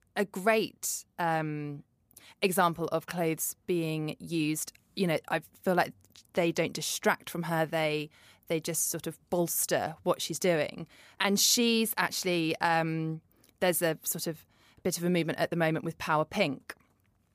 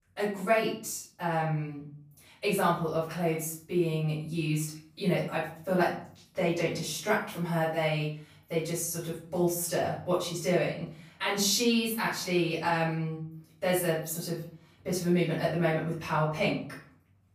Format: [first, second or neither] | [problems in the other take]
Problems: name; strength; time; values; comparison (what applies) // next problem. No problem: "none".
first | room echo; noticeable; dies away in 0.5 s // off-mic speech; far